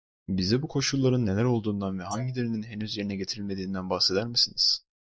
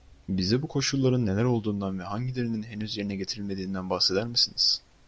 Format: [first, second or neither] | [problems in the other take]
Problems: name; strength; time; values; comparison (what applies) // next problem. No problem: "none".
second | noise reduction (neural mask model Resemble Enhance denoiser)